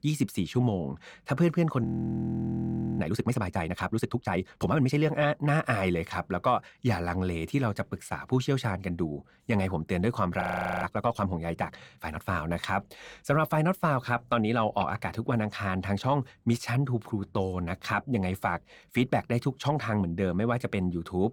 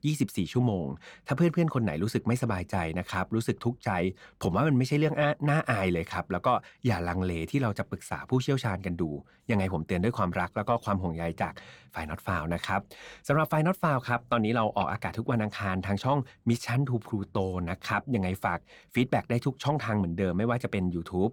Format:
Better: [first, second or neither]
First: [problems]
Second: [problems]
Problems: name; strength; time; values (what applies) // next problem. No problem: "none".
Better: second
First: audio freezing; at 2 s for 1 s and at 10 s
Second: none